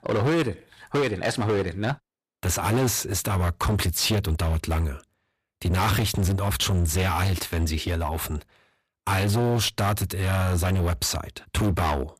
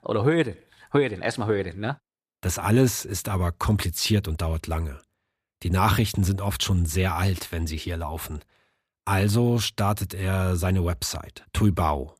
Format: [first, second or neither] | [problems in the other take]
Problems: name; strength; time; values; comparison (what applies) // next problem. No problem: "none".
second | distortion; heavy; 20% of the sound clipped